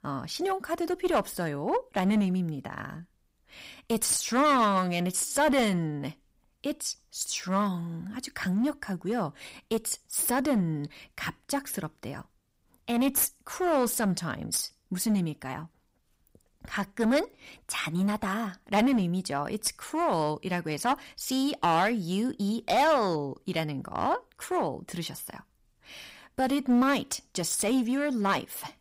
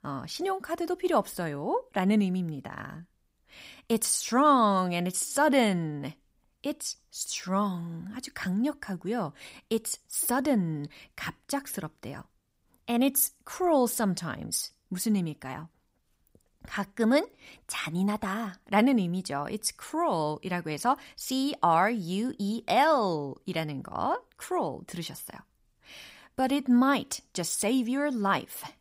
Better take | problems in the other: second | distortion; slight; 5% of the sound clipped

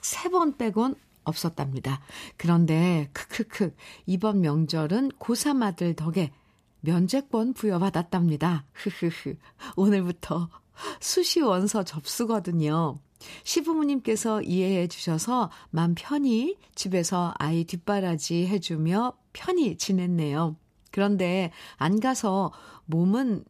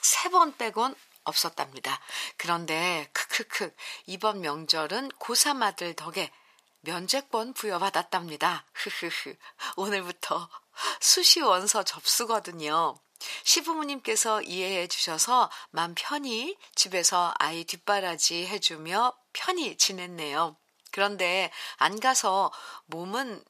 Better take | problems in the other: first | thin; very; fading below 800 Hz

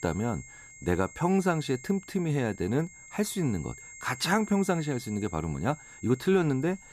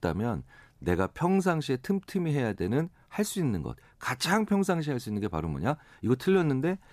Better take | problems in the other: second | high-pitched whine; noticeable; throughout; 2 kHz, 15 dB below the speech

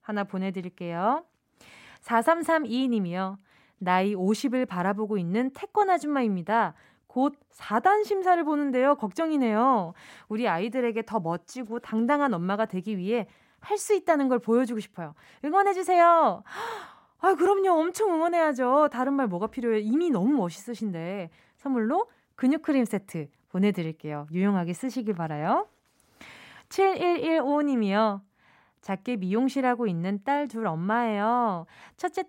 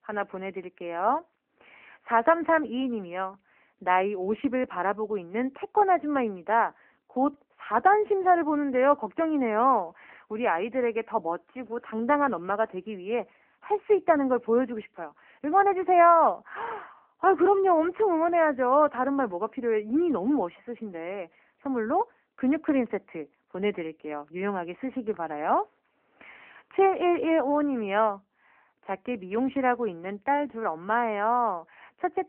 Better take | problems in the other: first | phone-call audio; nothing above 3 kHz

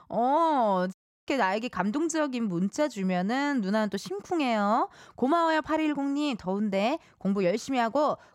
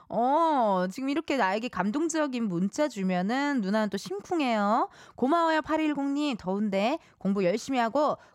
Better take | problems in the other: second | audio cutting out; at 1 s

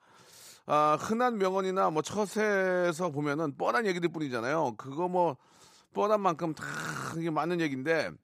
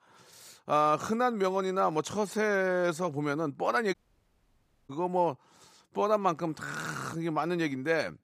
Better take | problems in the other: first | audio cutting out; at 4 s for 1 s

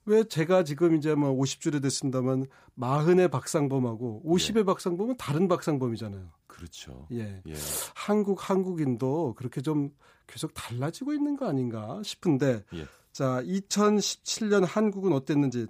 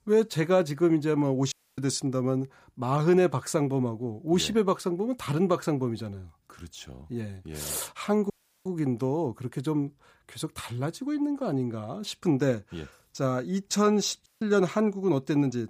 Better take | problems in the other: first | audio cutting out; at 1.5 s, at 8.5 s and at 14 s

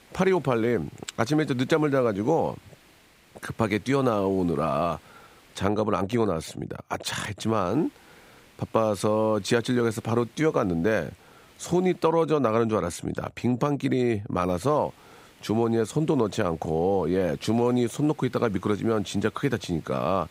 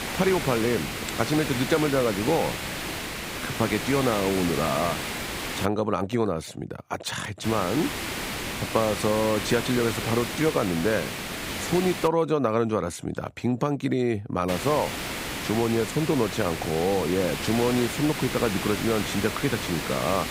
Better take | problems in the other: first | hiss; loud; until 5.5 s, from 7.5 to 12 s and from 14 s on; 5 dB below the speech; faint in the first

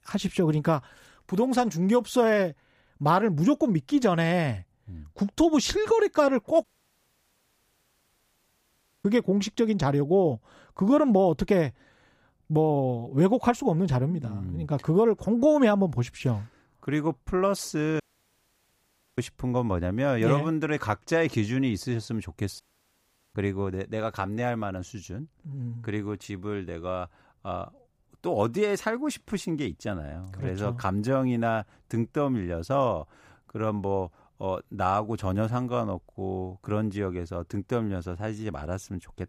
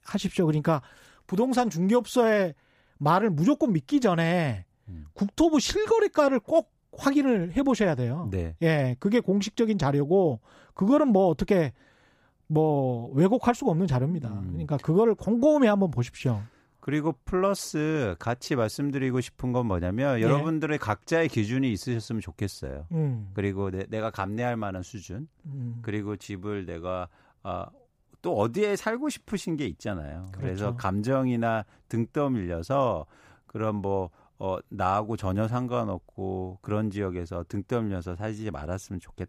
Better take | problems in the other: second | audio cutting out; at 6.5 s for 2.5 s, at 18 s for 1 s and at 23 s for 0.5 s

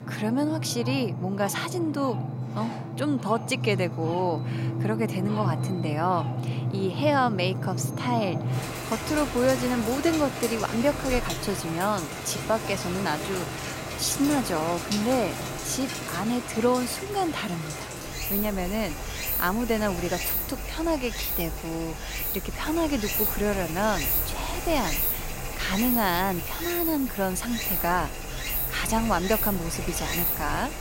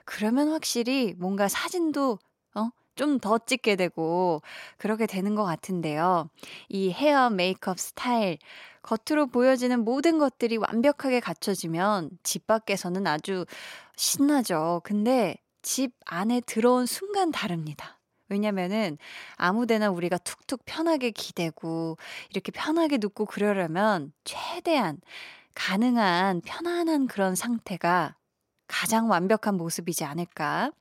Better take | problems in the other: second | rain or running water; loud; throughout; 2 dB below the speech

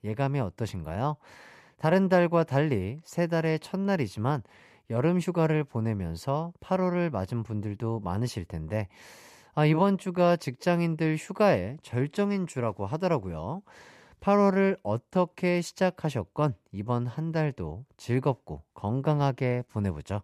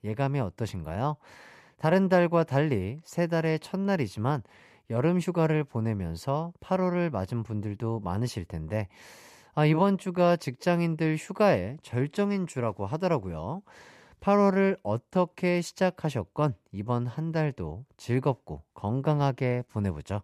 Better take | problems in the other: neither | none

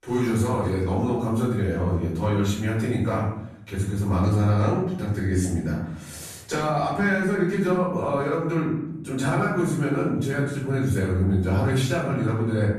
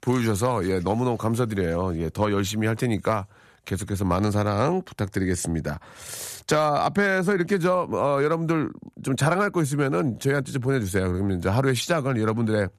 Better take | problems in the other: second | off-mic speech; far // room echo; noticeable; dies away in 0.8 s

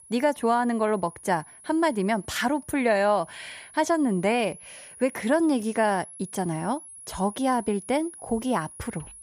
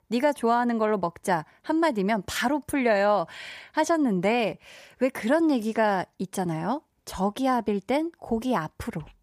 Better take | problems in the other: second | high-pitched whine; noticeable; throughout; 10.5 kHz, 15 dB below the speech

